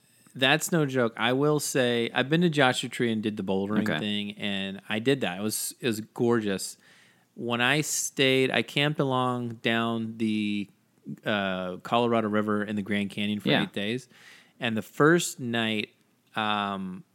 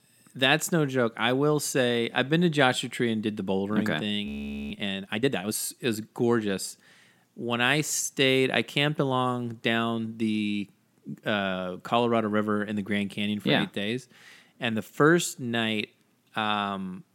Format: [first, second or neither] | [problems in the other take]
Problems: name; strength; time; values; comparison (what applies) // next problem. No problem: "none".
first | audio freezing; at 4.5 s